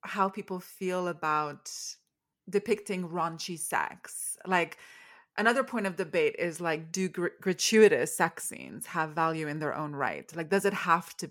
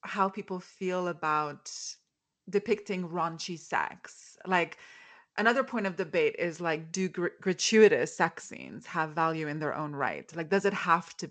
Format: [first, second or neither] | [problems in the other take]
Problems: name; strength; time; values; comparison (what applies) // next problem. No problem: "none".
first | garbled, watery; slightly; nothing above 7.5 kHz